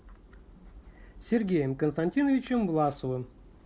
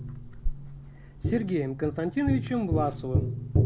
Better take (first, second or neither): first